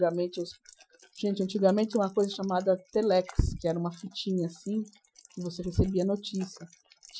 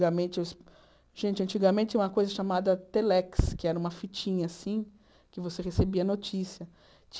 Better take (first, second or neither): second